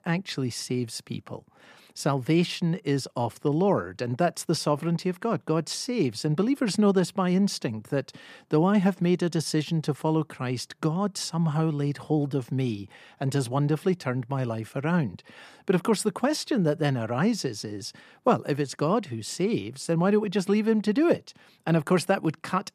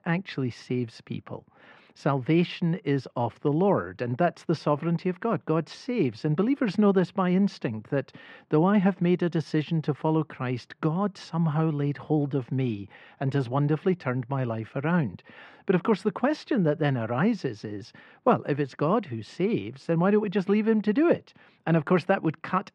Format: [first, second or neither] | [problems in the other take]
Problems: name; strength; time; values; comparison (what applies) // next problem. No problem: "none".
first | muffled; slightly; fading above 2.5 kHz